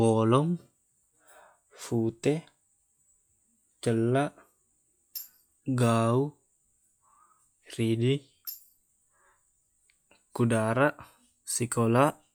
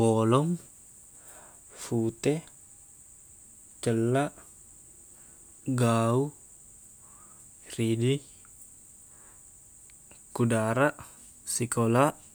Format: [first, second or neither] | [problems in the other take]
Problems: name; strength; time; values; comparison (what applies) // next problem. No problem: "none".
second | noise reduction (classical method log-MMSE)